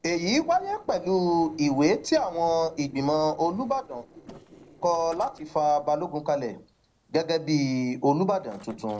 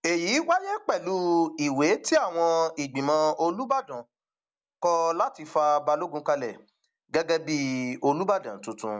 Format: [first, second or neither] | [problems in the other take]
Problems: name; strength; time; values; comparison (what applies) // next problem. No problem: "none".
second | noise reduction (neural separator model SepFormer DNS4)